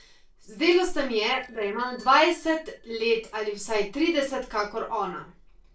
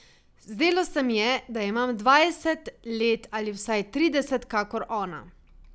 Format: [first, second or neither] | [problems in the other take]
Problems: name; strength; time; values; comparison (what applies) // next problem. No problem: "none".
second | noise reduction (neural separator model SepFormer DNS4)